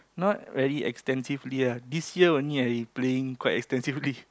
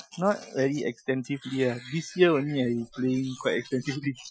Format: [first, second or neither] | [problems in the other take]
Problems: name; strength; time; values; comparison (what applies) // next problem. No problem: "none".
first | noise reduction (classical method Wiener filter)